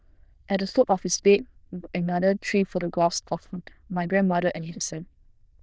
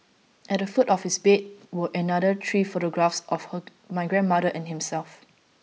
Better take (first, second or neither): second